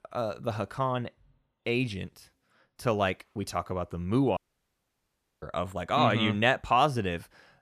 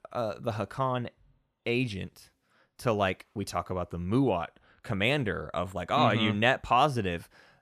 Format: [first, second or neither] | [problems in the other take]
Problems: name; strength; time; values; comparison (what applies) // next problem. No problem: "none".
second | audio cutting out; at 4.5 s for 1 s